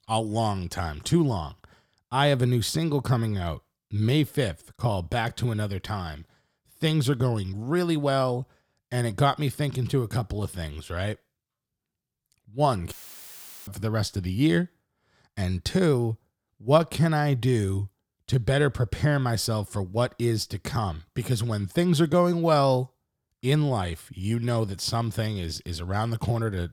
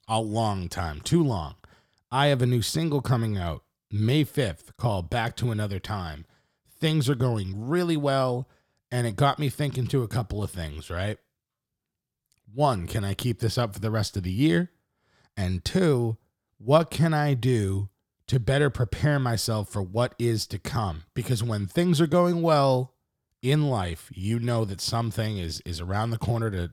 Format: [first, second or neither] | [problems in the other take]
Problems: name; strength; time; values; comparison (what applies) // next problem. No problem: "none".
second | audio cutting out; filled with static; at 13 s for 1 s